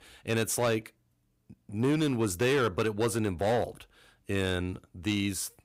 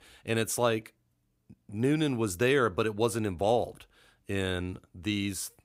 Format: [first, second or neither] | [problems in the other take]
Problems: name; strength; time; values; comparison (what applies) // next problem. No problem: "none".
second | distortion; slight; 7% of the sound clipped